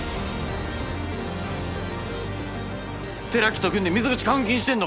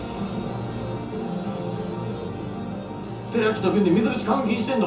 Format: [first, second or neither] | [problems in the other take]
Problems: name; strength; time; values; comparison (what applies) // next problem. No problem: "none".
first | room echo; dies away in 0.6 s